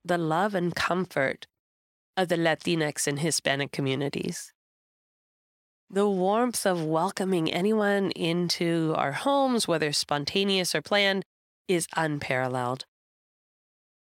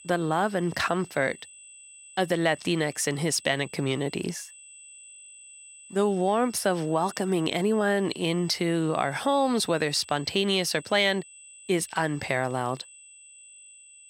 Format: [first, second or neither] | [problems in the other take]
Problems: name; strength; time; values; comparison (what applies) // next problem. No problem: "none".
first | high-pitched whine; noticeable; throughout; 8 kHz, 20 dB below the speech